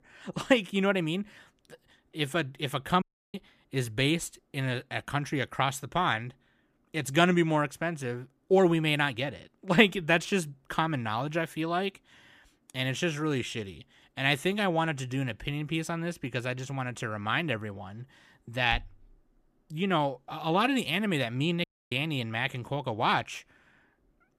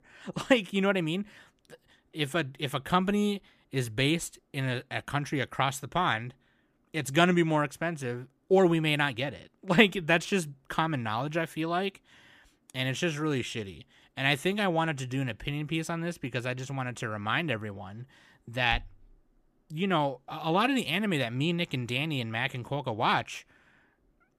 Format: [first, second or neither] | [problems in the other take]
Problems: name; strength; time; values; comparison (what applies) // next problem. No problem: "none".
second | audio cutting out; at 3 s and at 22 s